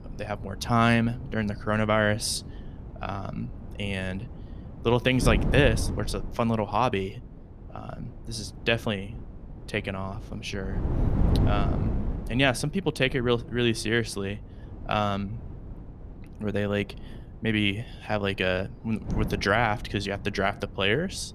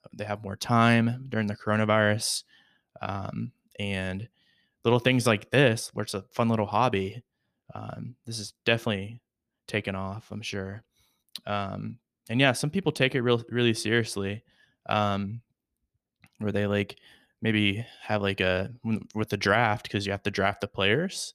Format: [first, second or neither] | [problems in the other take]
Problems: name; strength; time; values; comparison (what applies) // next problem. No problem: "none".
second | wind noise on the microphone; occasional gusts; 15 dB below the speech